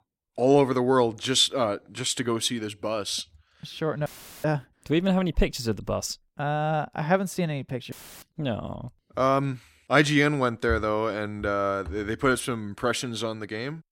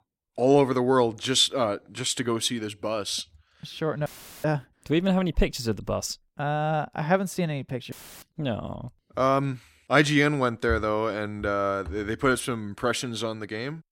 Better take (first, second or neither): neither